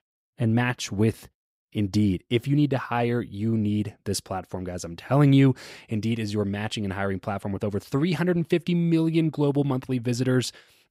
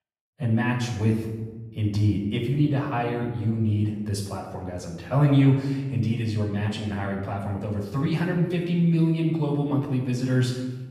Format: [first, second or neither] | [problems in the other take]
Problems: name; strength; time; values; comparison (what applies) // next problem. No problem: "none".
first | off-mic speech; far // room echo; noticeable; dies away in 1.1 s